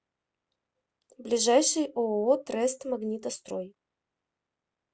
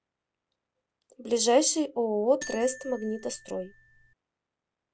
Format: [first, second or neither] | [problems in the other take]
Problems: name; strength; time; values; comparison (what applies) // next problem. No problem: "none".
first | background sound (Marimba, xylophone); 16 dB below the speech